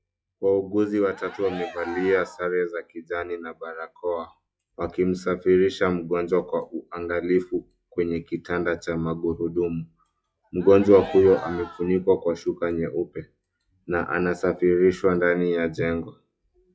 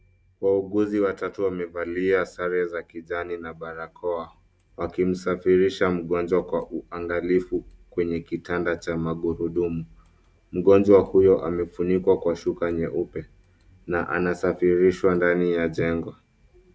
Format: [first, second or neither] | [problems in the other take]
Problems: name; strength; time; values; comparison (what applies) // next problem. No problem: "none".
second | noise reduction (classical method log-MMSE)